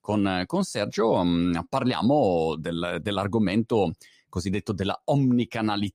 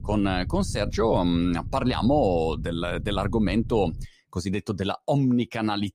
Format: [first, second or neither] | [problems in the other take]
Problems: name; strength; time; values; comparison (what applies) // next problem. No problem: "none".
first | low rumble; faint; until 4 s; 25 dB below the speech